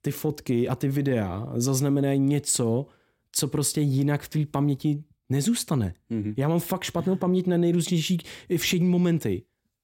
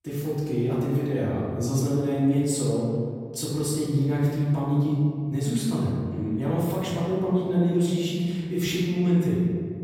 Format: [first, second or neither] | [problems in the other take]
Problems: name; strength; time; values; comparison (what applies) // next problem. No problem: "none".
first | off-mic speech; far // room echo; strong; dies away in 2 s